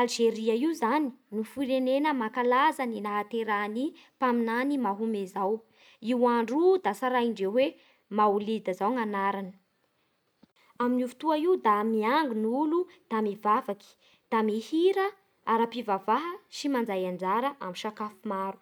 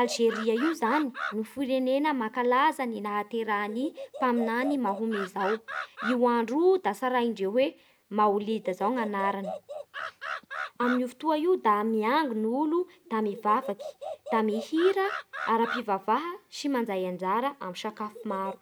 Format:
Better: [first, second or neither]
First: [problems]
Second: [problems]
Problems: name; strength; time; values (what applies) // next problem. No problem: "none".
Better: first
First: none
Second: background sound (Animal); 13 dB below the speech